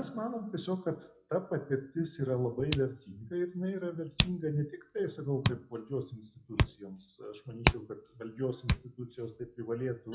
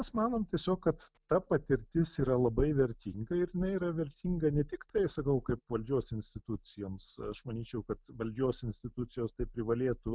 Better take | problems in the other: second | noise reduction (classical method WPE with log-MMSE)

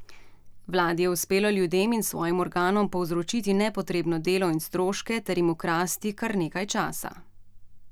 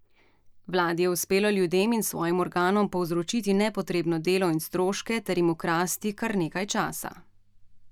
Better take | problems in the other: first | noise reduction (neural mask model DeepFilterNet 3)

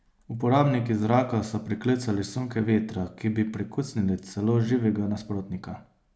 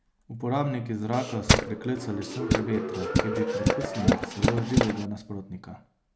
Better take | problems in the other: first | background sound (Tools); 5 dB above the speech

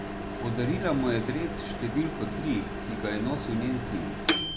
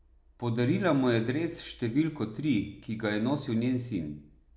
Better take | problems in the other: second | background sound (Microwave oven); 2 dB below the speech

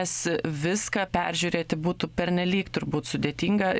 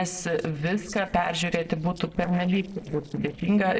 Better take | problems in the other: first | noise reduction (neural separator model SepFormer DNS4)

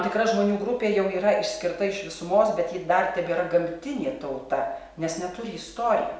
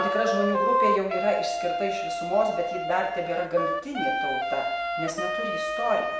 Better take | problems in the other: first | background sound (Wind instrument, woodwind instrument); 1 dB above the speech

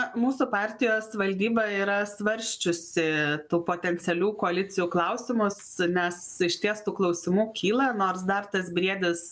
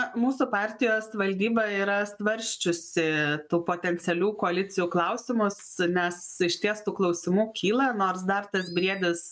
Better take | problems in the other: first | noise reduction (neural mask model RNNoise)

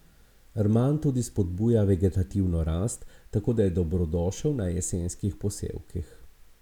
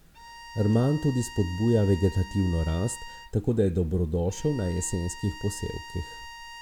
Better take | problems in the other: first | background sound (Bowed string instrument); 18 dB below the speech

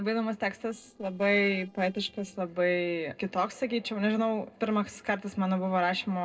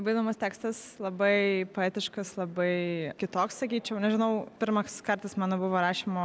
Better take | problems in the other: second | noise reduction (neural separator model SepFormer DNS4)

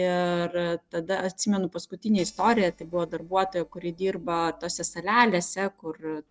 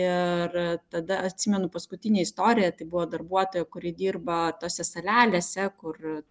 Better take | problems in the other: second | noise reduction (neural separator model SepFormer DNS4)

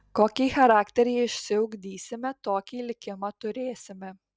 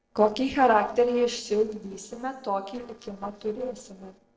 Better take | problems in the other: first | noise reduction (neural separator model SepFormer DNS4)

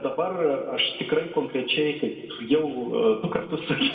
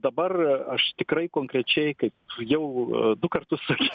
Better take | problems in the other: second | room echo; dies away in 1.9 s

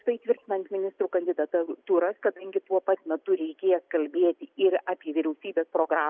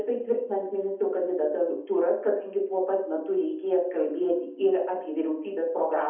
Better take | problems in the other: first | room echo; dies away in 0.6 s

